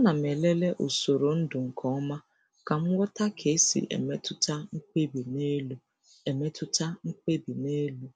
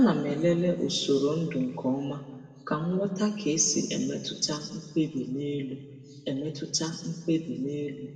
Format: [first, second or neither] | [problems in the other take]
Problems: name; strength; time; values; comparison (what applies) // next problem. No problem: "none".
first | room echo; dies away in 1.4 s